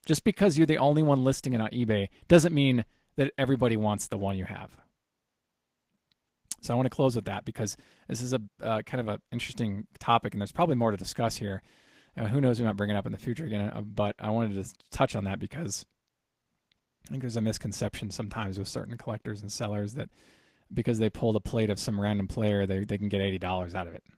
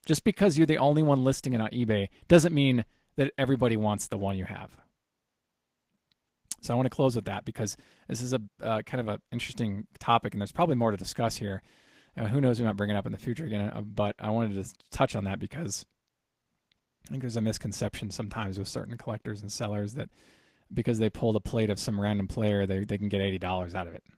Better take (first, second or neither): neither